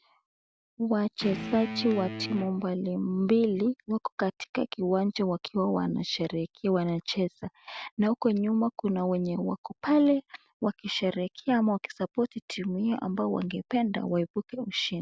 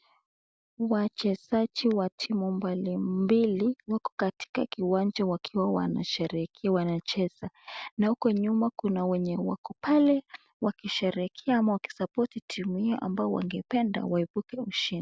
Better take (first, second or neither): second